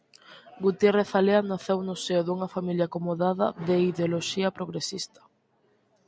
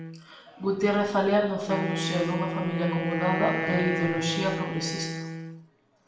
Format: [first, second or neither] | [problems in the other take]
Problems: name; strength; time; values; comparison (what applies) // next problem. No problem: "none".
first | background sound (Wind instrument, woodwind instrument); 4 dB below the speech // room echo; dies away in 0.8 s